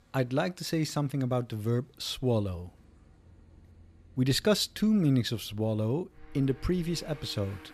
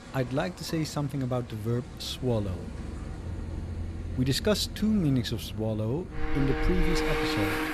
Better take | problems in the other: first | traffic noise; loud; throughout; 5 dB below the speech; faint in the first

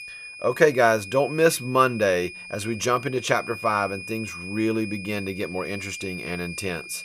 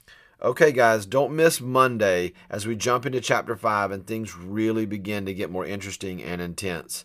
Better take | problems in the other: second | high-pitched whine; noticeable; throughout; 2.5 kHz, 10 dB below the speech

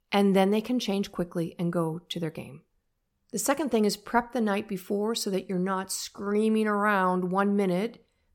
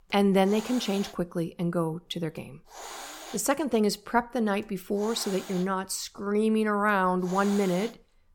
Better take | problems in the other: first | hiss; noticeable; throughout; 15 dB below the speech

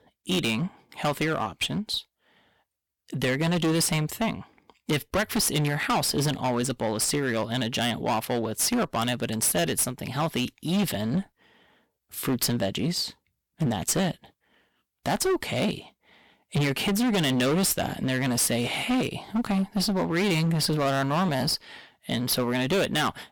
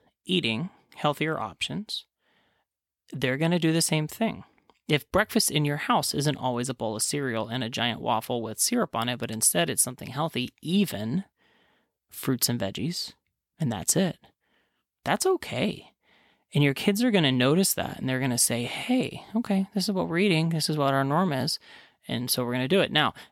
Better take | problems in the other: second | distortion; heavy; 16% of the sound clipped

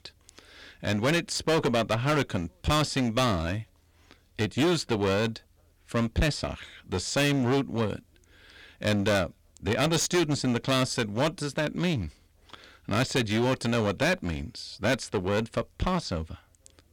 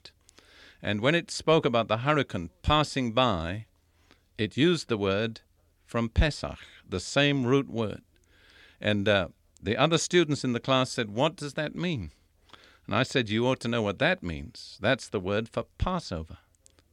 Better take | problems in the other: second | distortion; heavy; 11% of the sound clipped

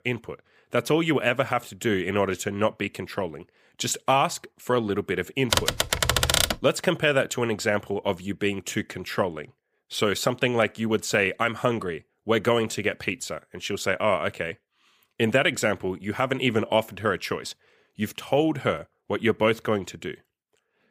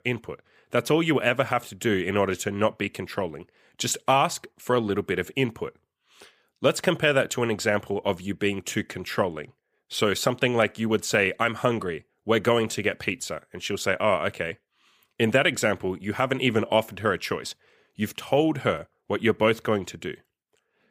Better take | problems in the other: second | keyboard typing; loud; from 5.5 to 6.5 s; peak 5 dB above the speech

